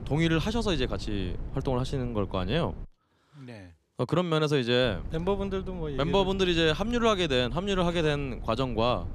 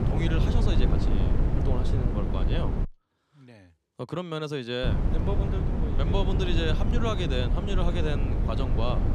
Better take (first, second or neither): first